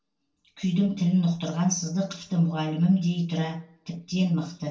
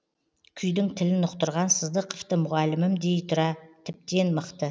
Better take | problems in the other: second | room echo; dies away in 0.2 s

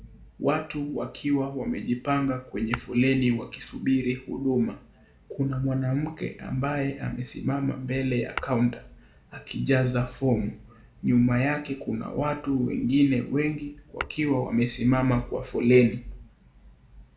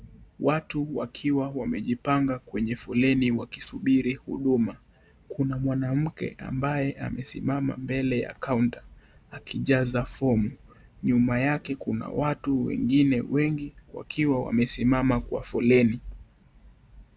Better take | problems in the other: second | background sound (Tap / Glass); 16 dB below the speech // room echo; dies away in 0.4 s

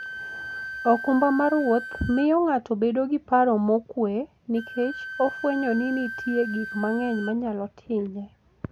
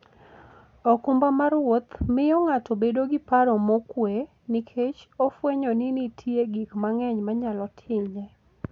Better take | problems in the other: second | background sound (Wind instrument, woodwind instrument); 13 dB below the speech

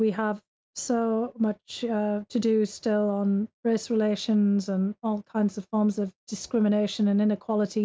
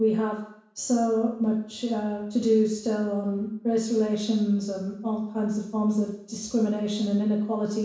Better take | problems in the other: first | room echo; dies away in 0.7 s

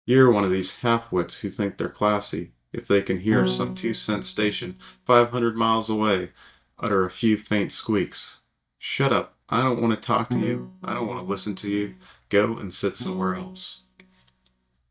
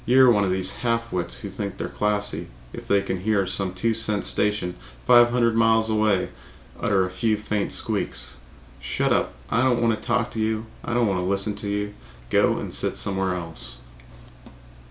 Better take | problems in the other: second | noise reduction (neural mask model DeepFilterNet 3)

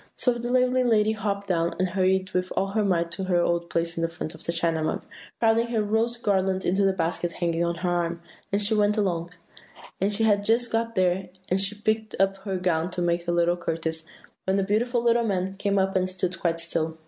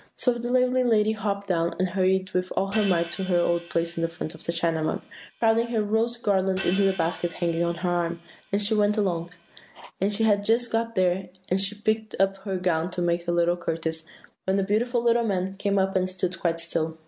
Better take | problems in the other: first | background sound (Hi-hat); 17 dB below the speech

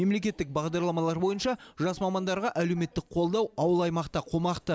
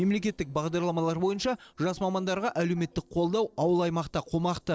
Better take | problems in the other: first | noise reduction (neural separator model SepFormer DNS4)

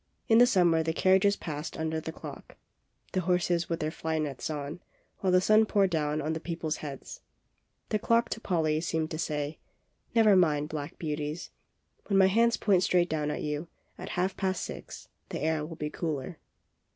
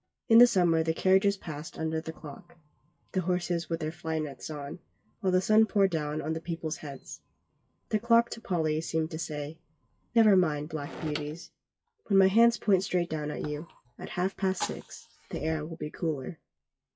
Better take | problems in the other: first | noise reduction (classical method WPE with log-MMSE)

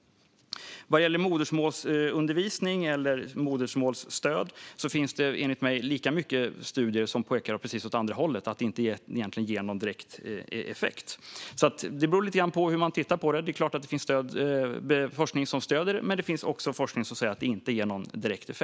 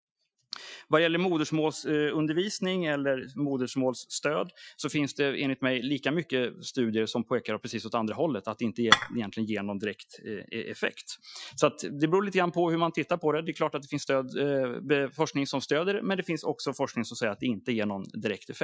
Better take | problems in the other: first | noise reduction (classical method Wiener filter)

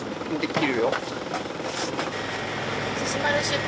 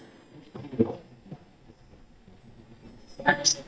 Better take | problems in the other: first | noise reduction (neural mask model DeepFilterNet 3)

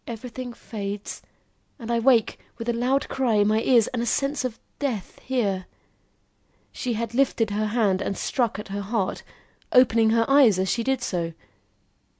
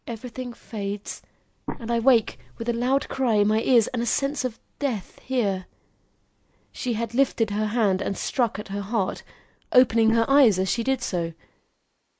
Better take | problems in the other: first | noise reduction (neural mask model Resemble Enhance denoiser)

